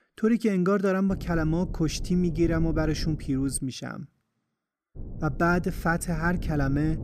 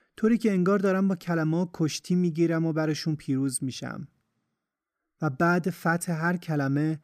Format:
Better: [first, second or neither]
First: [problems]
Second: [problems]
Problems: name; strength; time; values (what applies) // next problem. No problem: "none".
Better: second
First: low rumble; noticeable; from 1 to 3.5 s and from 5 s on; 20 dB below the speech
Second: none